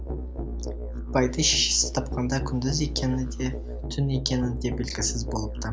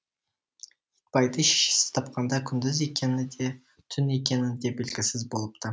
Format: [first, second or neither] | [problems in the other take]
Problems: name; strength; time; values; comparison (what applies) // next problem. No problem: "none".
second | background sound (Musical instrument); 4 dB below the speech